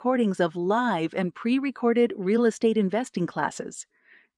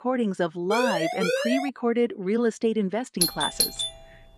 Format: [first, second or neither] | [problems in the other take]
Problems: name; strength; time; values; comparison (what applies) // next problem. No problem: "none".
first | siren; loud; at 0.5 s; peak 1 dB above the speech // doorbell; loud; at 3 s; peak 3 dB above the speech